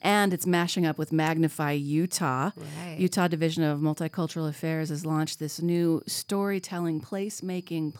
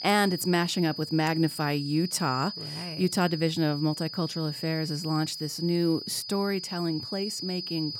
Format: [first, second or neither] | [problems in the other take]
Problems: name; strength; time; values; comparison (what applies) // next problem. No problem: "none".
first | high-pitched whine; loud; throughout; 5 kHz, 8 dB below the speech; faint in the first